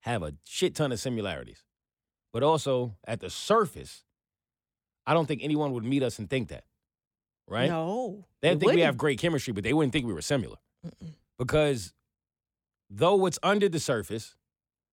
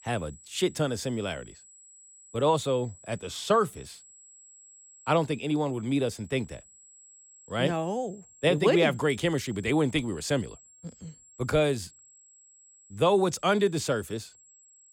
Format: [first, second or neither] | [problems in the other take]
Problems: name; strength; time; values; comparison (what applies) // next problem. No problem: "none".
first | high-pitched whine; faint; throughout; 7.5 kHz, 25 dB below the speech